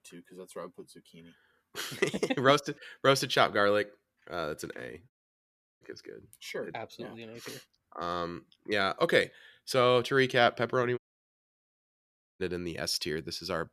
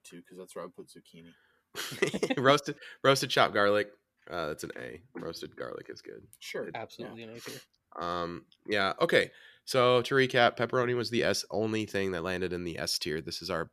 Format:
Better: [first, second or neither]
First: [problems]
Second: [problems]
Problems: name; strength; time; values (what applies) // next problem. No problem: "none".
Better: second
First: audio cutting out; at 5 s for 0.5 s and at 11 s for 1.5 s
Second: none